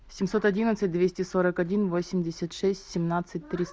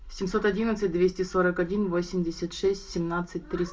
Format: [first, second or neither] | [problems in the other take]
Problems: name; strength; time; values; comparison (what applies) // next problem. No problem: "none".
first | room echo; dies away in 0.2 s